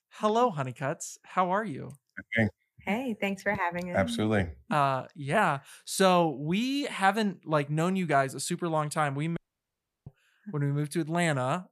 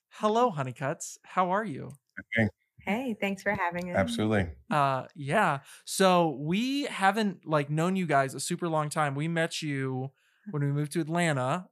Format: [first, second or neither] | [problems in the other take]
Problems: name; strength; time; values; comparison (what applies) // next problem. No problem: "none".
second | audio cutting out; at 9.5 s for 0.5 s